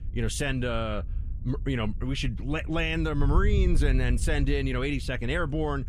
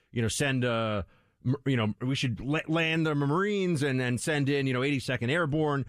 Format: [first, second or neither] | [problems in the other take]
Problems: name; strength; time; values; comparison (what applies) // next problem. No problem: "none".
second | wind noise on the microphone; occasional gusts; 20 dB below the speech